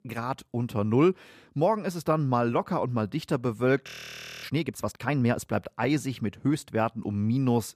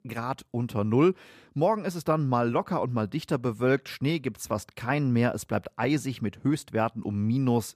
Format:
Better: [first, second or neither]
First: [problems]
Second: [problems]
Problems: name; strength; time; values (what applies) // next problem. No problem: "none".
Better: second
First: audio freezing; at 4 s for 0.5 s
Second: none